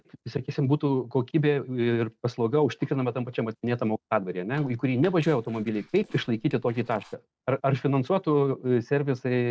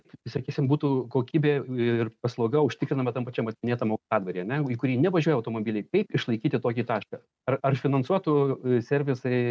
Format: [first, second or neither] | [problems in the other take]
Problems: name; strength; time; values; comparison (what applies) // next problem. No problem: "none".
second | noise reduction (neural separator model SepFormer DNS4)